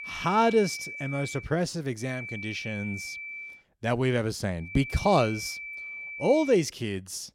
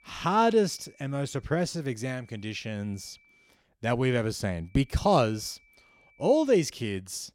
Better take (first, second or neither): second